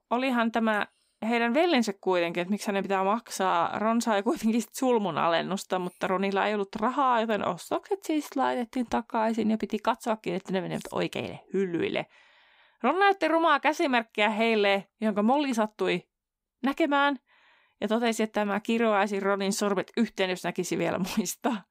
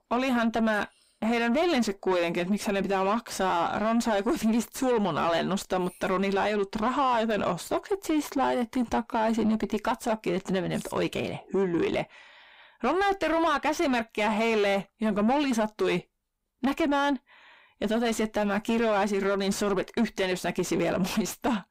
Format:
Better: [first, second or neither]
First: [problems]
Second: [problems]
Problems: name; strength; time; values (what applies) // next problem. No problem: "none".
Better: first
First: none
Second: distortion; heavy; 7 dB below the speech